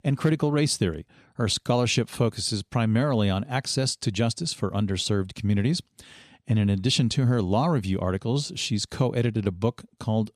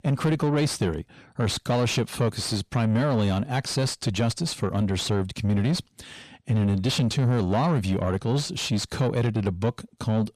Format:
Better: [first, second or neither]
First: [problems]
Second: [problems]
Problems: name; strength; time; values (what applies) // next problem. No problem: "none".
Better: first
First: none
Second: distortion; slight; 10 dB below the speech